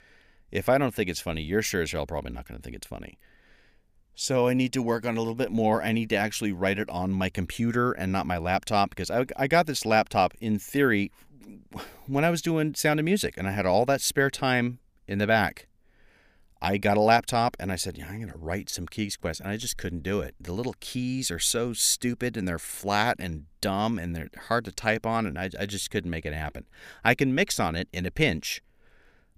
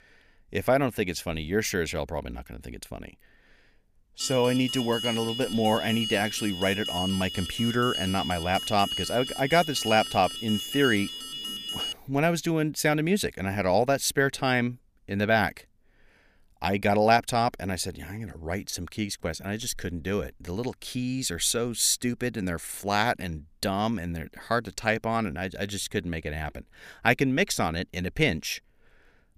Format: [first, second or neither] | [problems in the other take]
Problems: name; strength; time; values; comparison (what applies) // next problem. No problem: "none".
first | alarm; noticeable; from 4 to 12 s; peak 3 dB below the speech